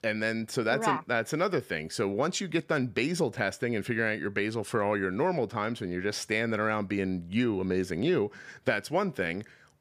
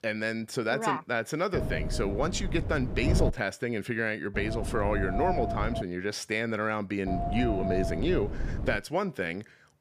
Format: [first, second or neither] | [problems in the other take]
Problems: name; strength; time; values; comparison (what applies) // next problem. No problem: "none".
first | wind noise on the microphone; heavy; from 1.5 to 3.5 s, from 4.5 to 6 s and from 7 to 9 s; 5 dB below the speech